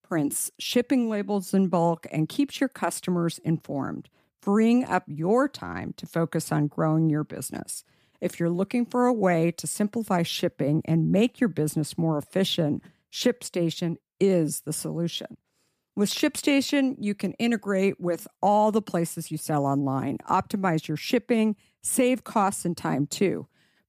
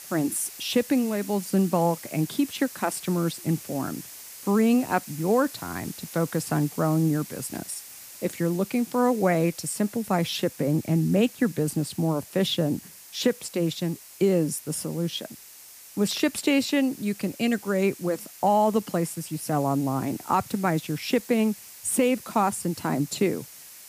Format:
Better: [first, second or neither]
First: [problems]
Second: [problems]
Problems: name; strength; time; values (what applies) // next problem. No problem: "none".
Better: first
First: none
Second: hiss; noticeable; throughout; 15 dB below the speech